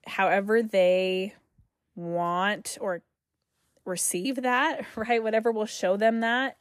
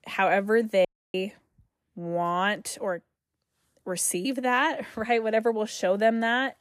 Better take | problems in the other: first | audio cutting out; at 1 s

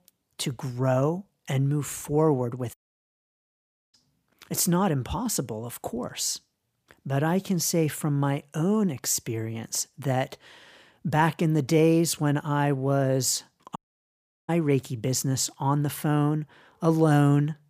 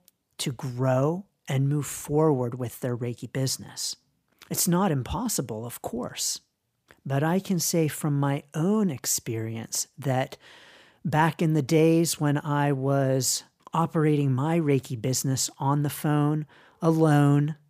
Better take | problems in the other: second | audio cutting out; at 2.5 s for 1 s and at 14 s for 0.5 s

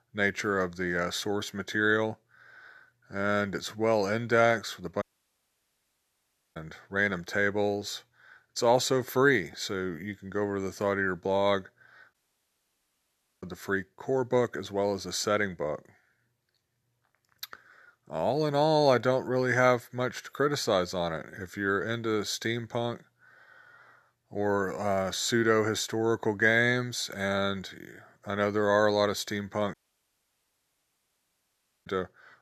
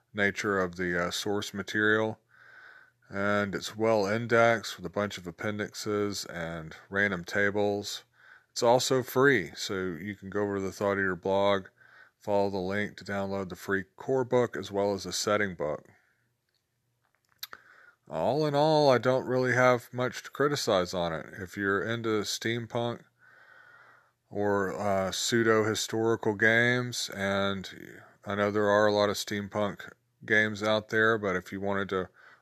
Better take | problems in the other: second | audio cutting out; at 5 s for 1.5 s, at 12 s for 1.5 s and at 30 s for 2 s

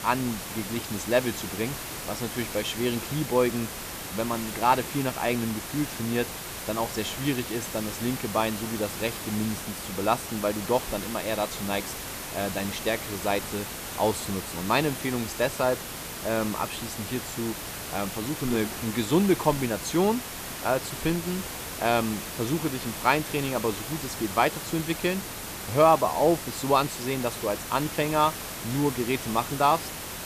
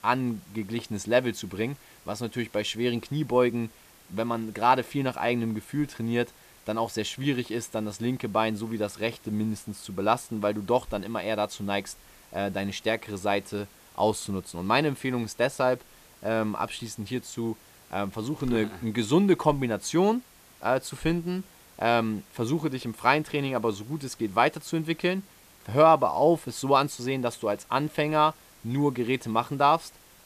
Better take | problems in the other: second | hiss; loud; throughout; 6 dB below the speech; faint in the second

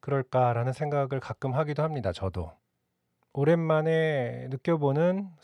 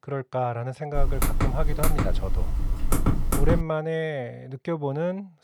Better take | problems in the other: first | keyboard typing; loud; from 1 to 3.5 s; peak 4 dB above the speech

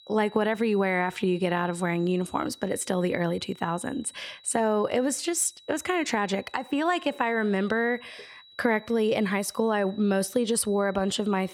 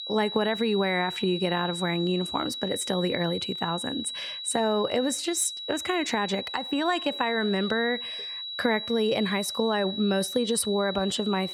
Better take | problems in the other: first | high-pitched whine; loud; throughout; 4 kHz, 6 dB below the speech; faint in the first

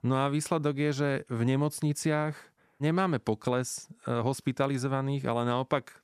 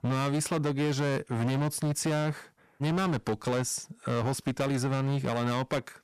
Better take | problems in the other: first | distortion; heavy; 19% of the sound clipped

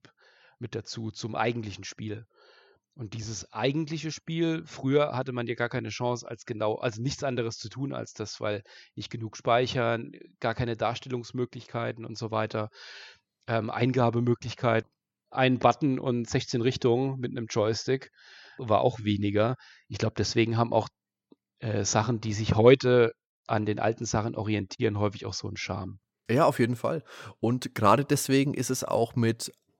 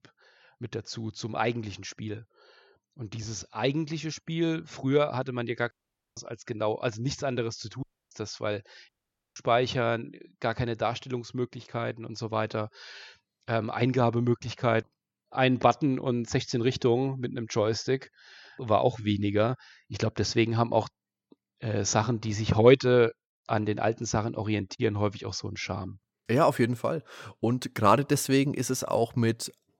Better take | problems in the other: first | audio cutting out; at 5.5 s, at 8 s and at 9 s

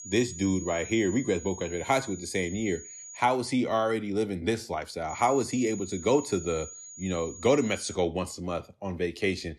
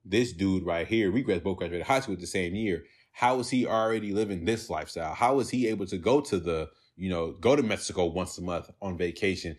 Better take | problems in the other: second | high-pitched whine; noticeable; until 3 s and from 5 to 8 s; 7 kHz, 15 dB below the speech

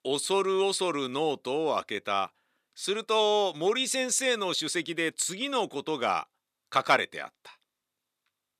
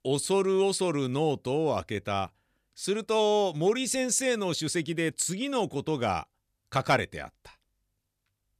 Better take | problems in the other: second | thin; very slightly; fading below 300 Hz

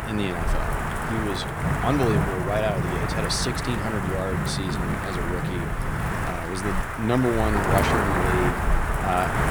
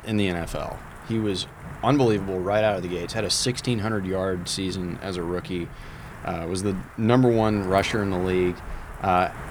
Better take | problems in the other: second | wind noise on the microphone; heavy; 2 dB above the speech; occasional gusts in the second

